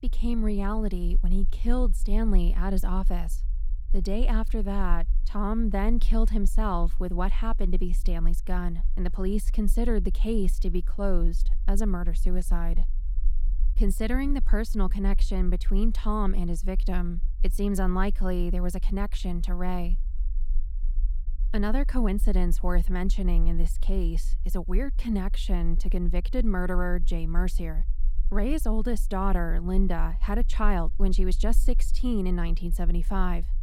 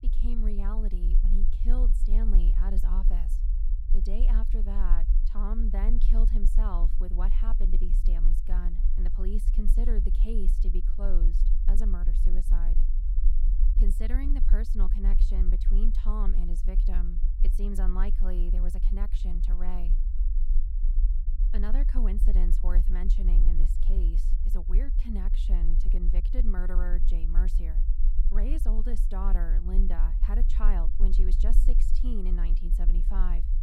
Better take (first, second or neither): first